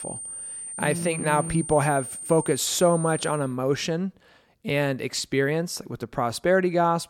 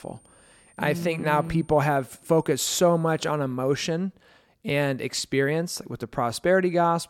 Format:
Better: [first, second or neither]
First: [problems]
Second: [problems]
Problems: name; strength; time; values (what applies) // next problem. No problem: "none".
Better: second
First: high-pitched whine; loud; until 3.5 s; 9 kHz, 9 dB below the speech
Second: high-pitched whine; faint; until 3.5 s; 9 kHz, 30 dB below the speech